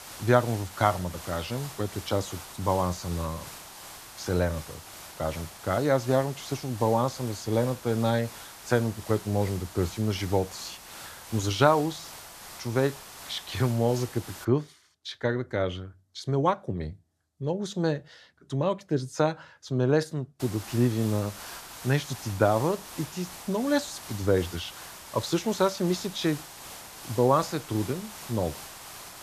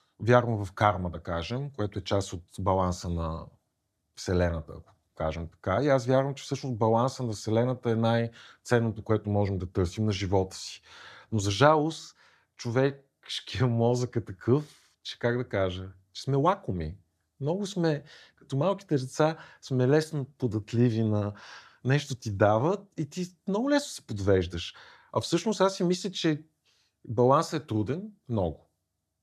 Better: second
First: hiss; noticeable; until 14 s and from 20 s on; 15 dB below the speech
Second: none

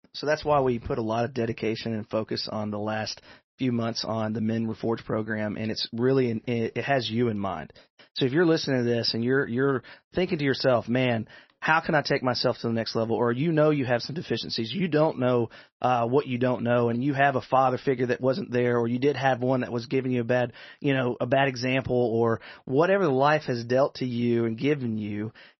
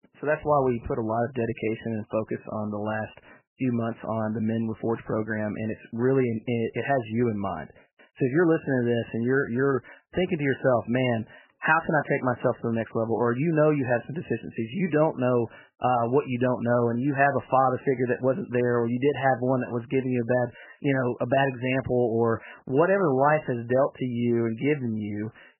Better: first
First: garbled, watery; slightly; nothing above 5.5 kHz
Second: garbled, watery; badly; nothing above 3 kHz

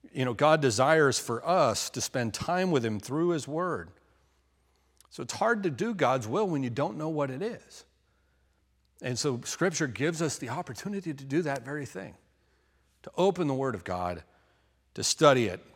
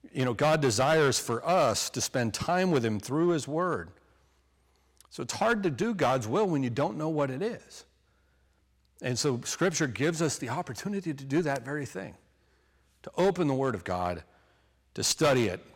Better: first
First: none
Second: distortion; slight; 4% of the sound clipped

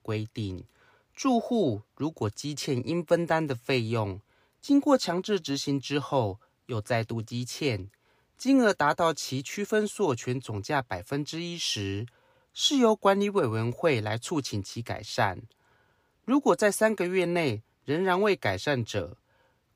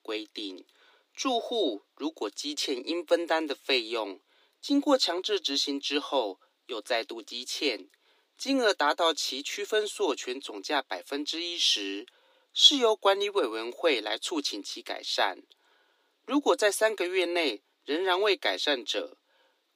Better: first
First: none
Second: thin; very slightly; fading below 300 Hz

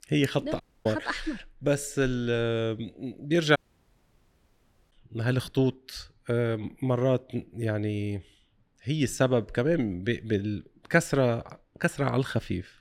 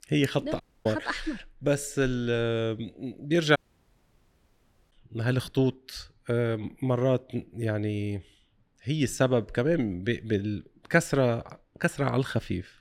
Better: neither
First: audio cutting out; at 0.5 s and at 3.5 s for 1.5 s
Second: audio cutting out; at 0.5 s and at 3.5 s for 1.5 s

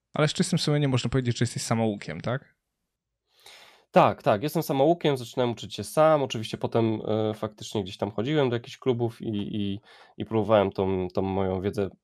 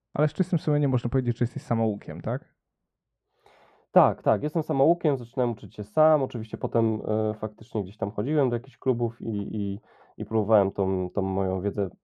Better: first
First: none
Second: muffled; very; fading above 2 kHz

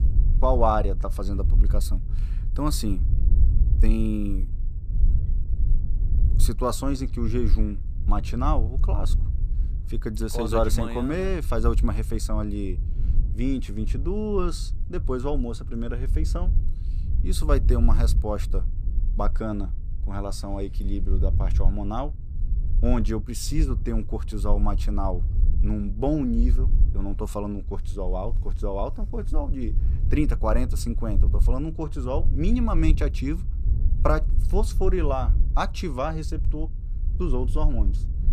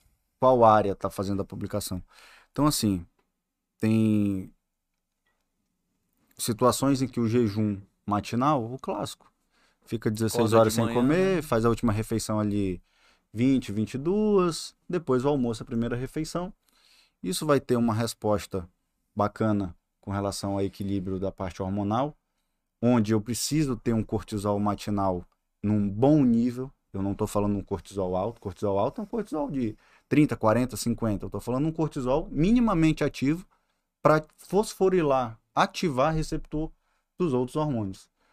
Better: second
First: low rumble; noticeable; throughout; 15 dB below the speech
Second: none

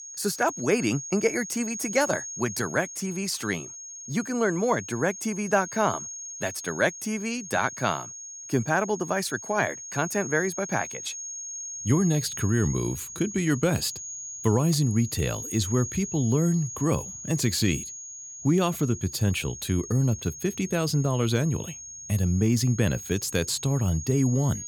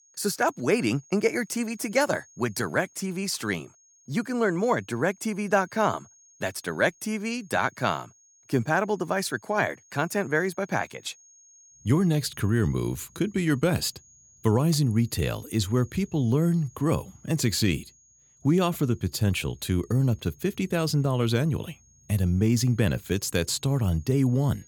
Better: second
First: high-pitched whine; loud; throughout; 6.5 kHz, 9 dB below the speech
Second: high-pitched whine; faint; throughout; 6.5 kHz, 30 dB below the speech

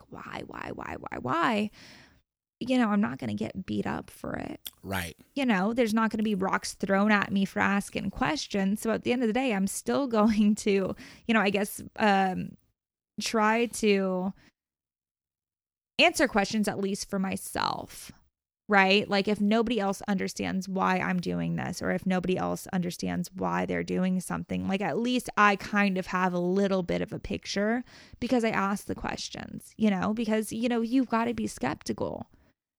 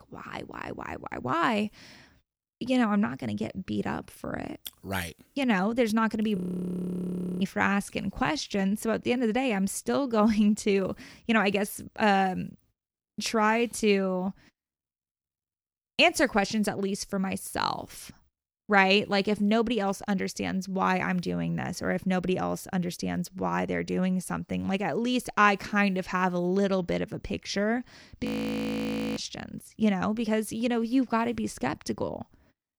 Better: first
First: none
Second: audio freezing; at 6.5 s for 1 s and at 28 s for 1 s

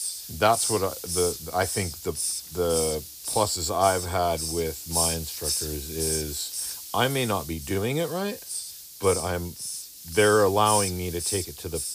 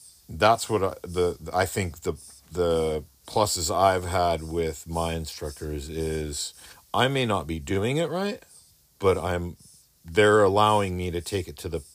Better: second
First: hiss; loud; throughout; 3 dB below the speech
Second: hiss; faint; throughout; 25 dB below the speech

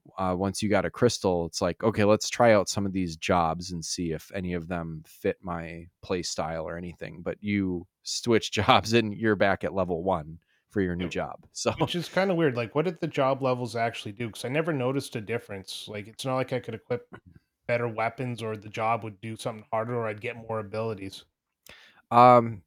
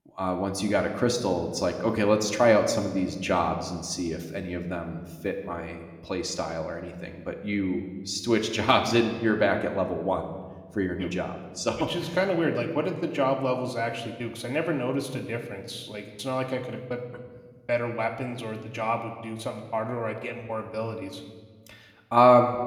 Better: first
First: none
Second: room echo; slight; dies away in 1.1 s

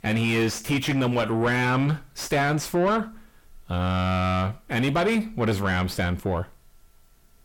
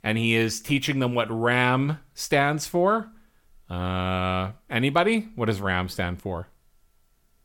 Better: second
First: distortion; heavy; 7 dB below the speech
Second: none

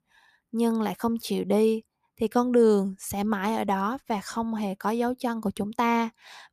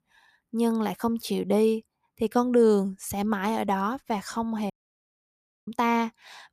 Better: first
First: none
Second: audio cutting out; at 4.5 s for 1 s

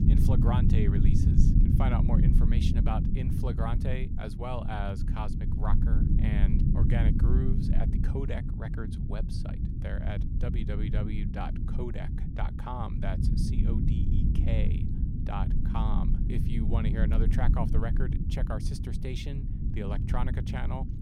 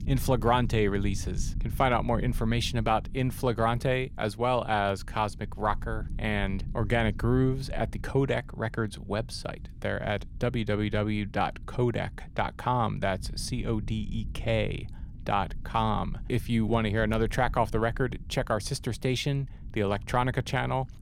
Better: second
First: low rumble; loud; throughout; 1 dB below the speech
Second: low rumble; faint; throughout; 25 dB below the speech

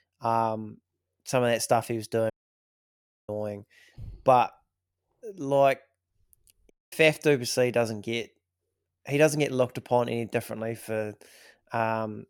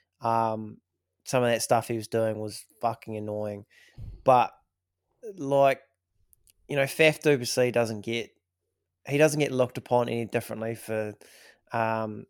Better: second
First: audio cutting out; at 2.5 s for 1 s and at 6.5 s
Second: none

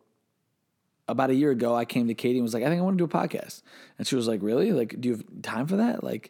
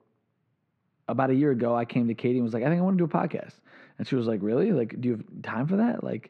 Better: first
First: none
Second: muffled; slightly; fading above 2 kHz

